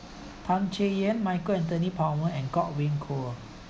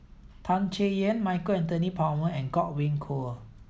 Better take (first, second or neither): second